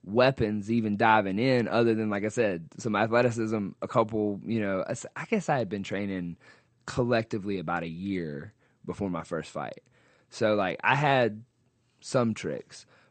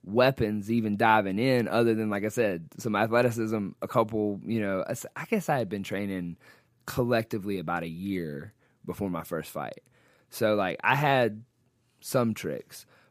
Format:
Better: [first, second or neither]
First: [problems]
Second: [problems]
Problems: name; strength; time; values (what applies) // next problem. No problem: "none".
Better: second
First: garbled, watery; slightly; nothing above 8.5 kHz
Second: none